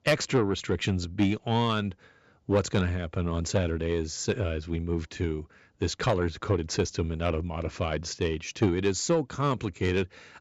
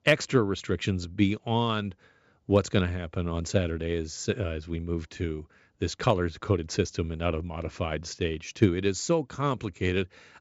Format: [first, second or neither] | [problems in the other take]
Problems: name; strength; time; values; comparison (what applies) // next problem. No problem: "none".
second | distortion; slight; 10 dB below the speech